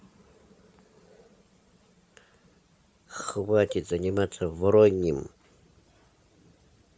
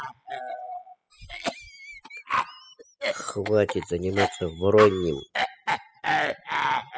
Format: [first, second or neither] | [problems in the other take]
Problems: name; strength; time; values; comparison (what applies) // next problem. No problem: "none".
first | noise reduction (classical method spectral subtraction)